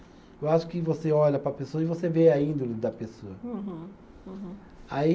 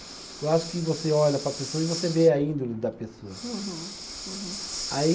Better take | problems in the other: first | background sound (Breathing); 11 dB below the speech

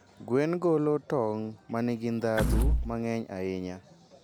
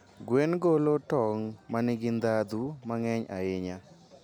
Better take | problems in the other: second | background sound (Door / Wood); as loud as the speech

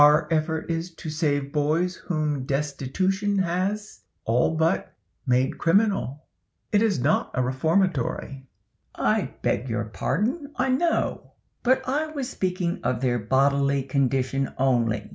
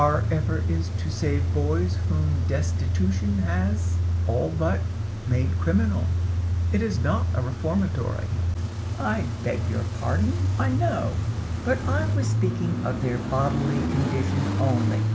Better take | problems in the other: first | background sound (Idling / Engine starting / Accelerating, revving, vroom / Car); 3 dB above the speech

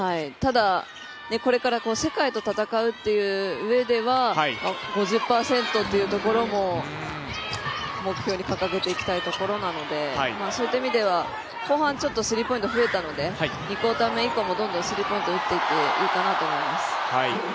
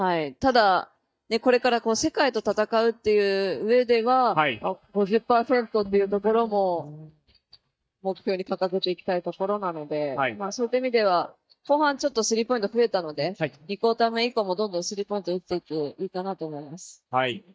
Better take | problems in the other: first | noise reduction (neural mask model DeepFilterNet 3)

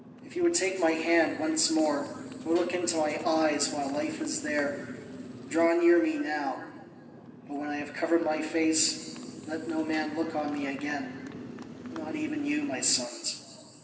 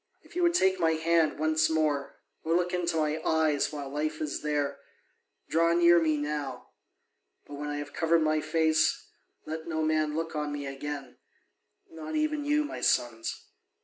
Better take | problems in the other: second | background sound (Motorcycle); 14 dB below the speech // room echo; dies away in 2 s

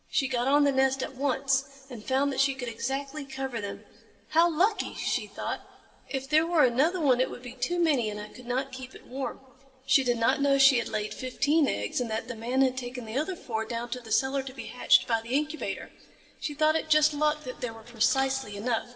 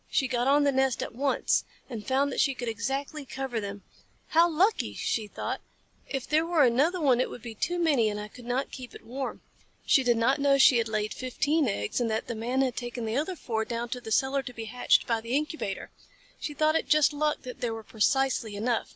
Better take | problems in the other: second | background sound (Coin (dropping)); 18 dB below the speech // room echo; dies away in 1.4 s

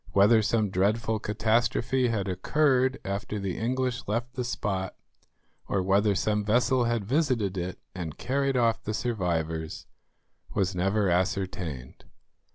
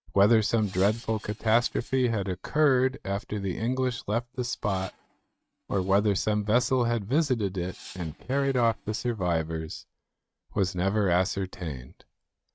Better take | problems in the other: first | noise reduction (neural mask model RNNoise)

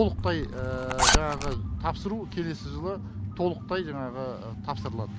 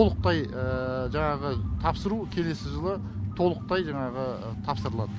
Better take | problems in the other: second | background sound (Zipper (clothing)); 3 dB above the speech

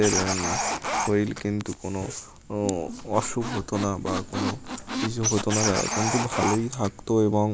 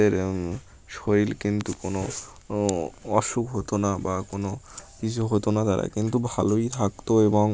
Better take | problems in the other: second | background sound (Squeak); 4 dB below the speech

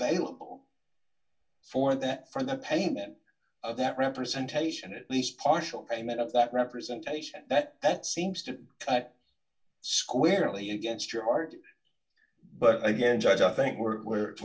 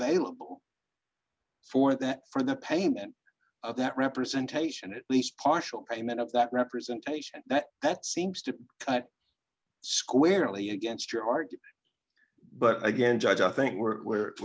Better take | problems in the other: second | room echo; dies away in 0.2 s

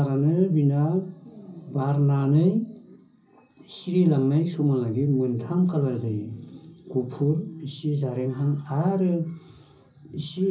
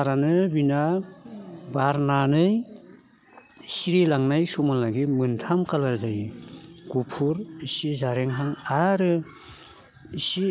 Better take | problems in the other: second | room echo; dies away in 0.5 s

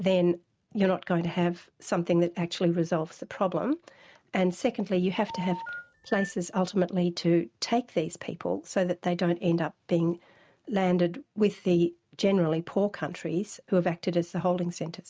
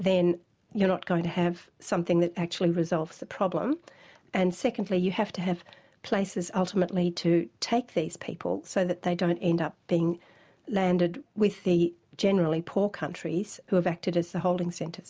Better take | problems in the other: second | noise reduction (neural mask model RNNoise)

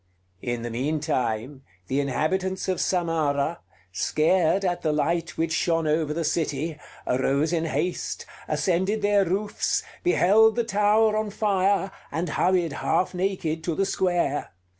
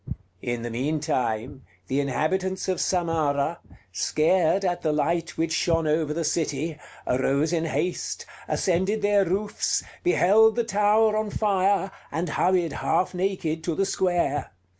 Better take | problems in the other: first | background sound (Walk, footsteps); 19 dB below the speech

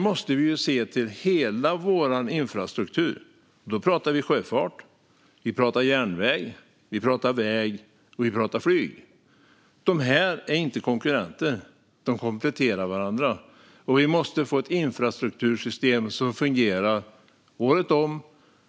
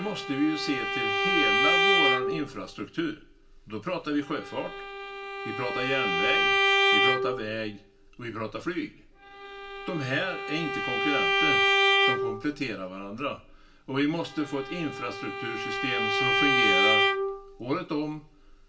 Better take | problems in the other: first | background sound (Bowed string instrument); 5 dB above the speech // room echo; dies away in 0.2 s

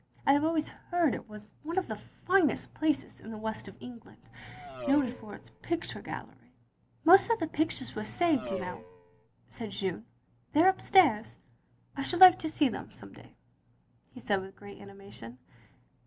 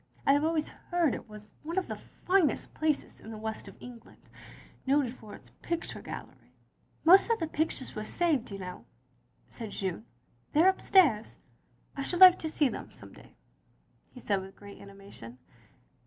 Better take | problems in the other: second | background sound (Race car, auto racing); 12 dB below the speech

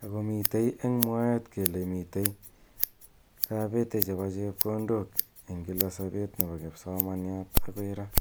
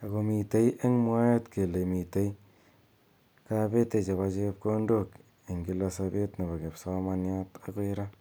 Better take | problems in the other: second | background sound (Scissors); 2 dB below the speech

